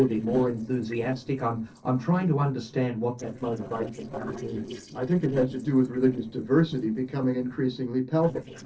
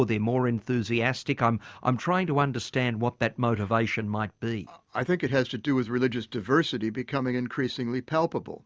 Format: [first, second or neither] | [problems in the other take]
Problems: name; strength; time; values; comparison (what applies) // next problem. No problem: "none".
second | noise reduction (neural separator model SepFormer DNS4)